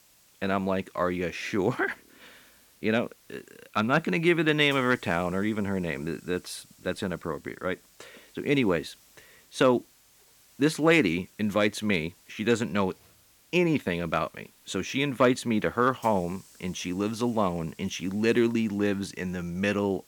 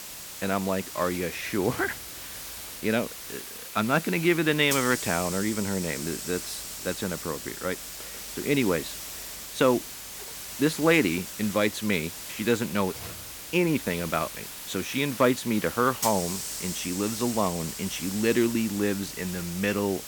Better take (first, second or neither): first